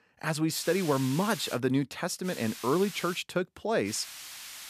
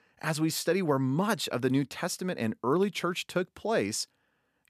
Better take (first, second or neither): second